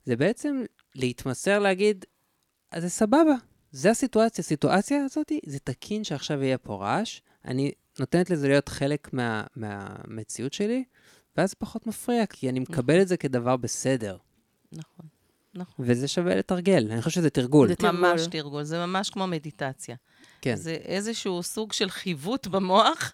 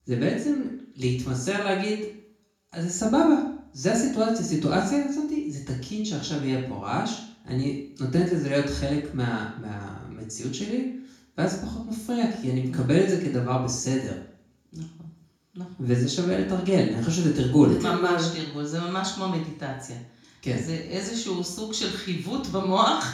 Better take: first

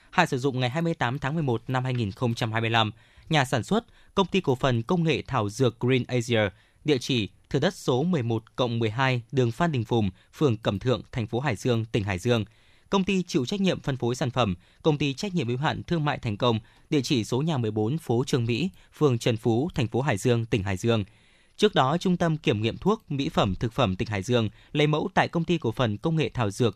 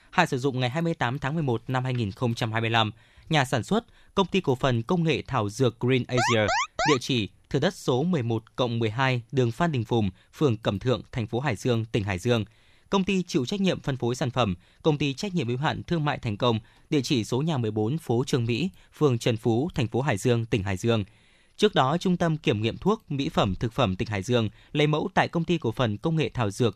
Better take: first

